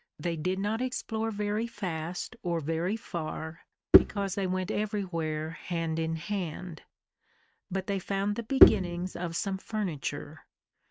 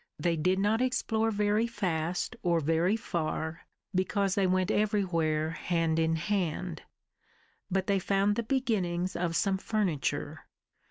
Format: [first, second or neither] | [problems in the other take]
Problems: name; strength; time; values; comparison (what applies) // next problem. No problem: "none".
second | noise reduction (neural mask model RNNoise)